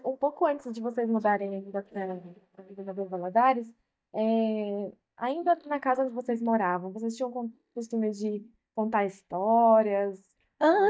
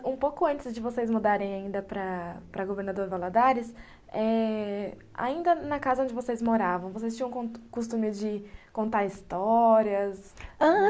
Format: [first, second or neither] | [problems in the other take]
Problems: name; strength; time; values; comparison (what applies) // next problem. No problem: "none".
second | noise reduction (neural mask model DeepFilterNet 3)